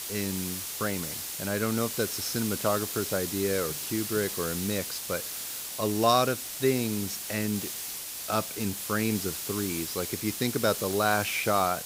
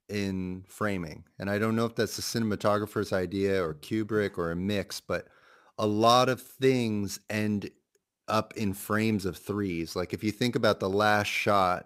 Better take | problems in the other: second | hiss; loud; throughout; 3 dB below the speech

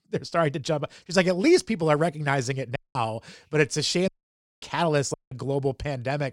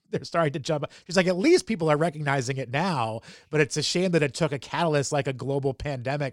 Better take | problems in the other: second | audio cutting out; at 3 s, at 4 s for 0.5 s and at 5 s

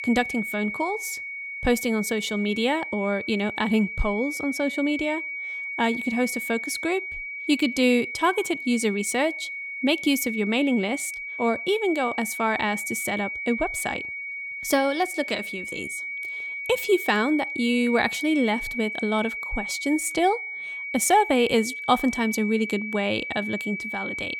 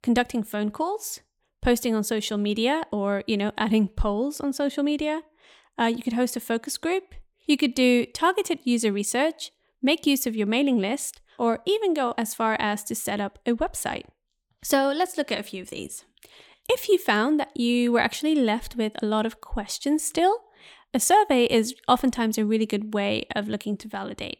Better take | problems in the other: second | high-pitched whine; loud; throughout; 2.5 kHz, 6 dB below the speech

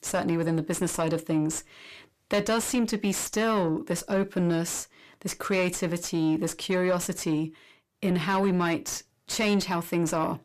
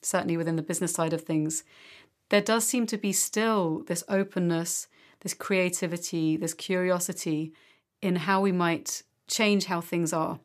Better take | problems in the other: second | distortion; slight; 10 dB below the speech

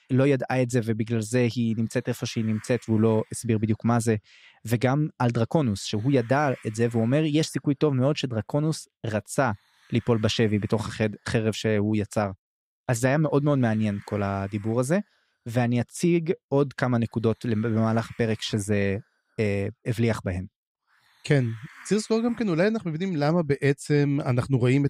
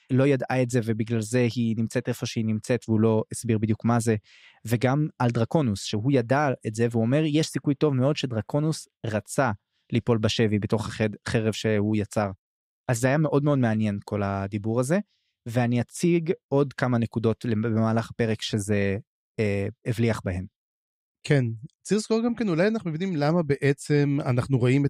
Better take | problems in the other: second | hiss; faint; throughout; 25 dB below the speech

